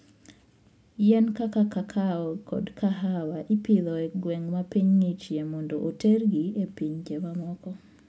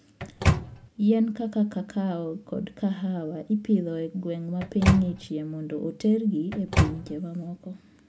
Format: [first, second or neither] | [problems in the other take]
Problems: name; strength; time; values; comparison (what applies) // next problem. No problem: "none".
first | background sound (Microwave oven); 1 dB above the speech